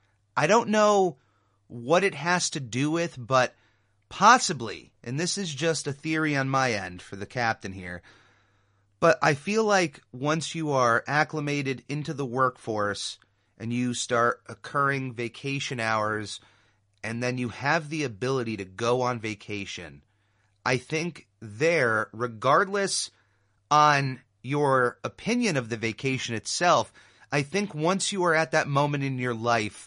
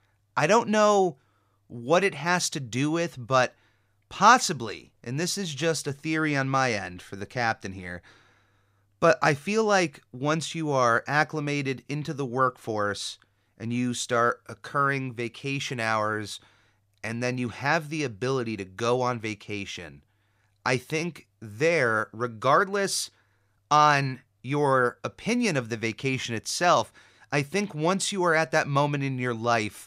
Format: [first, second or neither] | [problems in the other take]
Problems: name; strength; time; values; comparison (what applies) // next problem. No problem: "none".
second | garbled, watery; slightly; nothing above 10.5 kHz